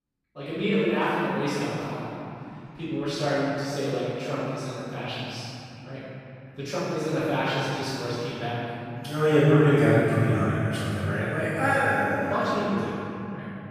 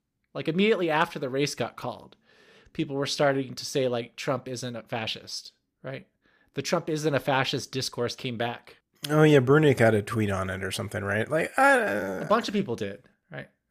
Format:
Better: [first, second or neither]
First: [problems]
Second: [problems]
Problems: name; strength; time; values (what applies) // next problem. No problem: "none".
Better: second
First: room echo; strong; dies away in 3 s // off-mic speech; far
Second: none